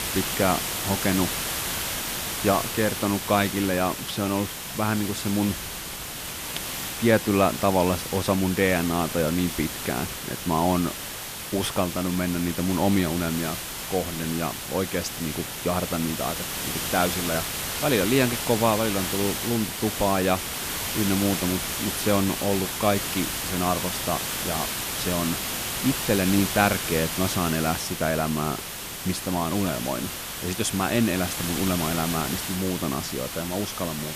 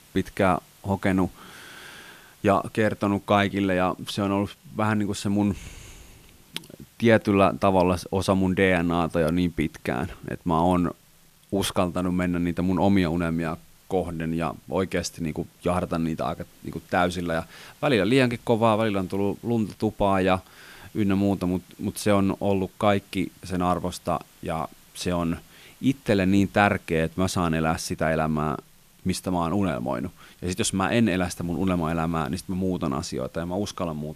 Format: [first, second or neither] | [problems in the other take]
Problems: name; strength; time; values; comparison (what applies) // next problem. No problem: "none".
second | hiss; loud; throughout; 3 dB below the speech; faint in the second